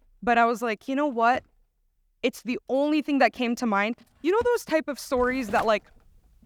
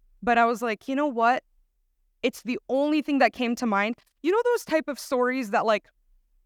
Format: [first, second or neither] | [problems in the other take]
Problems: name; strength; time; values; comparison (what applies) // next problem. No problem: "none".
second | household noises; noticeable; throughout; 15 dB below the speech